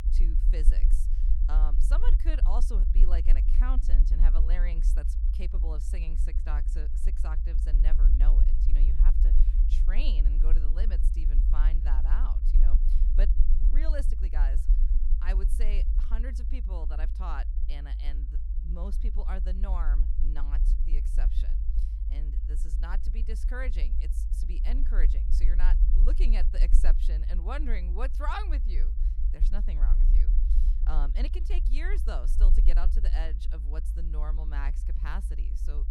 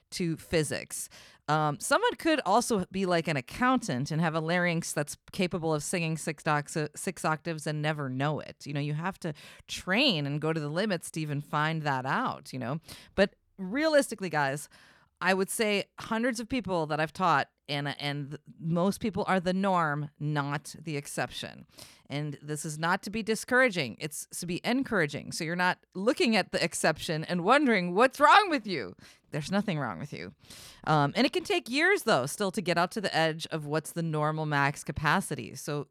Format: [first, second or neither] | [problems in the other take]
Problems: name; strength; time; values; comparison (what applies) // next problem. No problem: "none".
second | low rumble; loud; throughout; 8 dB below the speech